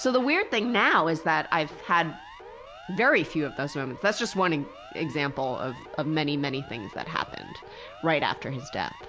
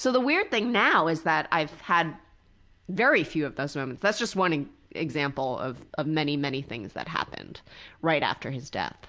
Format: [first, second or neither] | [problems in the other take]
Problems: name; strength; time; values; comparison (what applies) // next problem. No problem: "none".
second | background sound (Siren); 17 dB below the speech